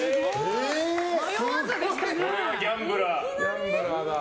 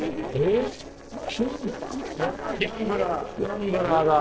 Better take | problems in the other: first | noise reduction (neural separator model SepFormer DNS4)

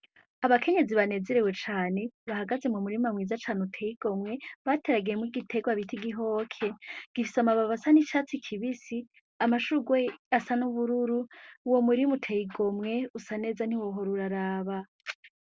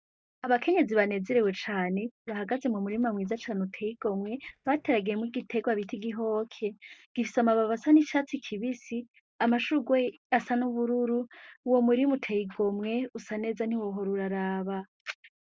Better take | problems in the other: first | noise reduction (neural mask model DeepFilterNet 3)

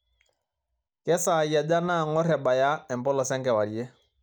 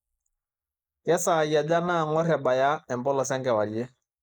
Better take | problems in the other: first | noise reduction (neural mask model Resemble Enhance denoiser)

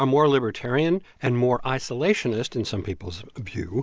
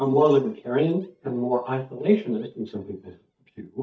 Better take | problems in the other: first | noise reduction (neural mask model DeepFilterNet 3)

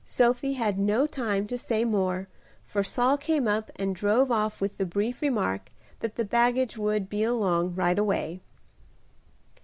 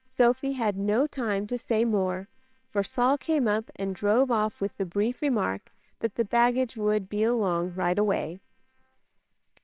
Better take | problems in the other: first | noise reduction (neural separator model SepFormer WHAMR!)

